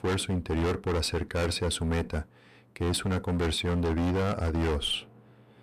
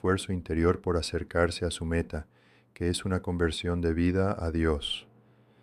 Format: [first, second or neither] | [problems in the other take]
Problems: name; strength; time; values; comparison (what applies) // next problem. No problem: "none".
second | distortion; heavy; 23% of the sound clipped